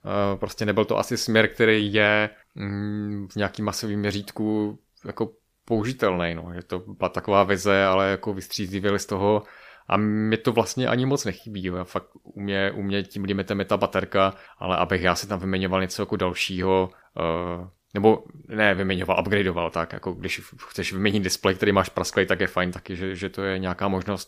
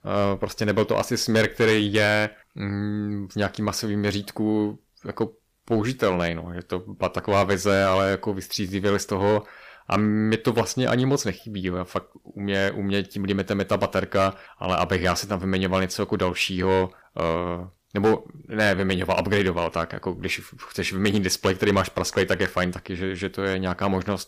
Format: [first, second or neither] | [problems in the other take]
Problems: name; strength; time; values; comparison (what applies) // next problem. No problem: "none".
first | distortion; slight; 2% of the sound clipped